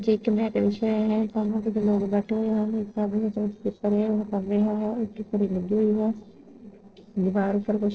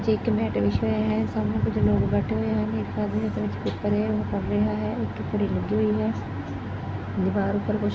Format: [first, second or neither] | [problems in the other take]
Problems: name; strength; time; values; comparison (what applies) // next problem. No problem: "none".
second | noise reduction (neural separator model SepFormer DNS4)